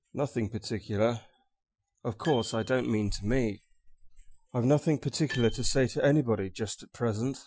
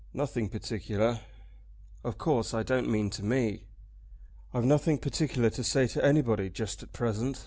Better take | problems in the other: second | noise reduction (classical method Wiener filter)

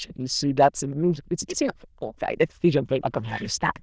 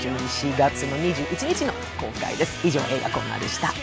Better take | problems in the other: second | noise reduction (neural diffusion model UNIVERSE++)

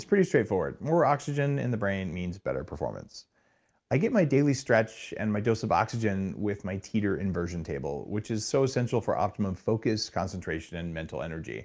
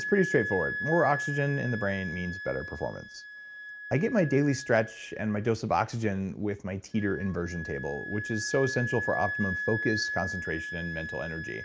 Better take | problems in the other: first | background sound (Wind instrument, woodwind instrument); 7 dB below the speech

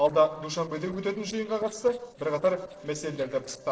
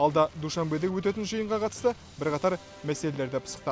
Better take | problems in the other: second | noise reduction (neural separator model SepFormer DNS4)

